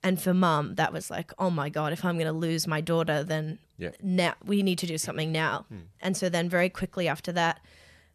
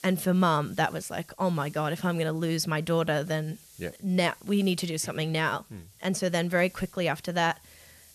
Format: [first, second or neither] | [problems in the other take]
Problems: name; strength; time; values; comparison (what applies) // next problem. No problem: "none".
first | hiss; faint; throughout; 25 dB below the speech